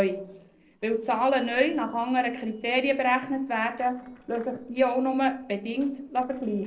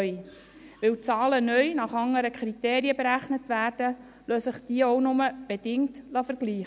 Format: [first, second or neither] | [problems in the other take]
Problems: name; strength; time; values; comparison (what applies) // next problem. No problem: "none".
second | noise reduction (neural separator model SepFormer DNS4)